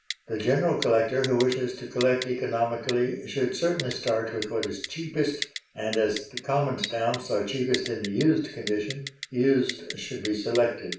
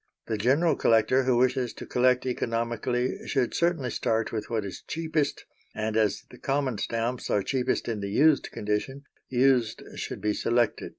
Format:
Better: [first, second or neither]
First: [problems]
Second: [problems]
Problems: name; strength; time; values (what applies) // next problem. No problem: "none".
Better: second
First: background sound (Typing); 13 dB below the speech // room echo; dies away in 0.4 s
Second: none